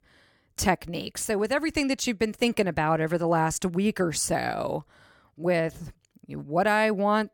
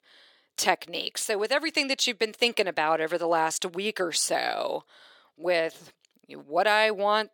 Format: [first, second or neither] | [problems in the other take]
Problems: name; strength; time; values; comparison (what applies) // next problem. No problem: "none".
first | thin; somewhat; fading below 450 Hz